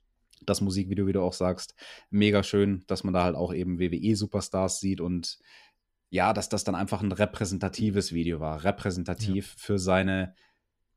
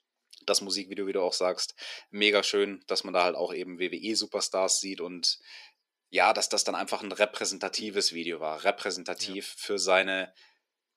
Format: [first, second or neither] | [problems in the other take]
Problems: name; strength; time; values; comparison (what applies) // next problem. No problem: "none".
first | thin; somewhat; fading below 400 Hz